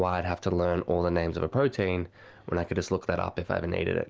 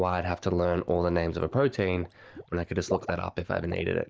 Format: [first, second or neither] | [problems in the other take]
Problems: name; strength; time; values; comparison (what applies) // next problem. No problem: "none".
first | noise reduction (neural mask model DeepFilterNet 3)